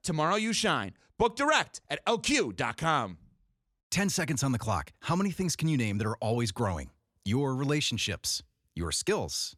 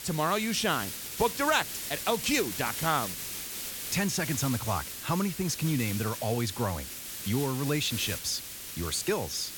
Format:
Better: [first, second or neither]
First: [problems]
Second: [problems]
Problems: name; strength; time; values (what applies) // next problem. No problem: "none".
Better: first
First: none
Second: hiss; loud; throughout; 6 dB below the speech